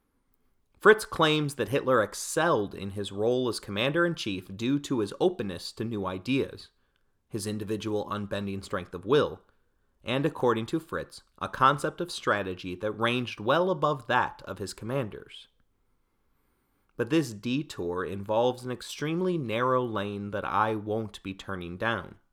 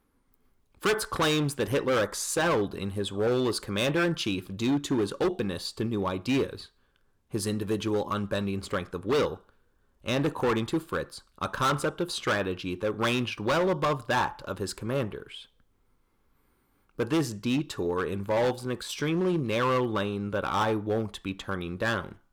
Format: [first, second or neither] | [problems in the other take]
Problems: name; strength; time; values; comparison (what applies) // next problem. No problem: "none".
first | distortion; heavy; 7% of the sound clipped